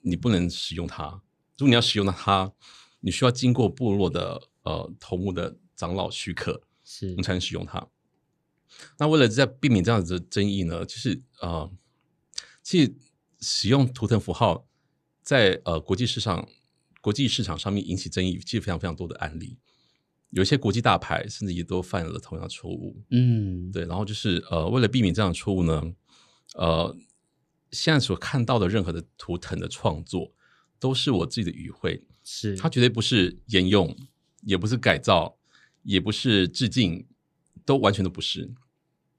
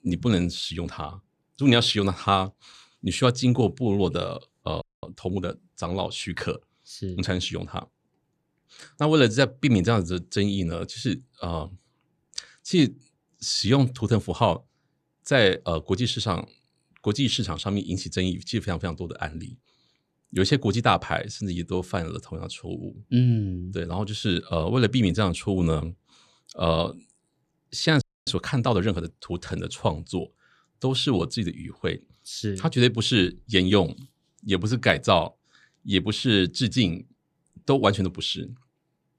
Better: first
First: none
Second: audio freezing; at 5 s and at 28 s

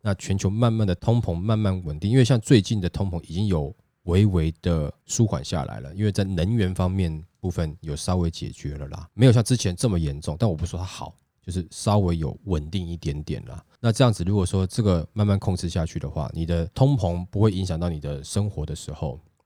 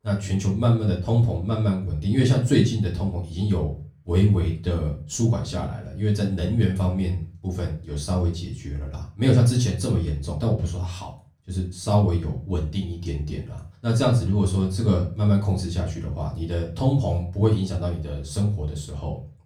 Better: first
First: none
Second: room echo; slight; dies away in 0.3 s // off-mic speech; far

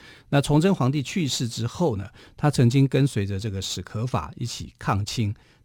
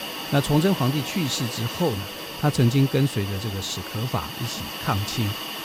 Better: first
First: none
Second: hiss; loud; throughout; 7 dB below the speech

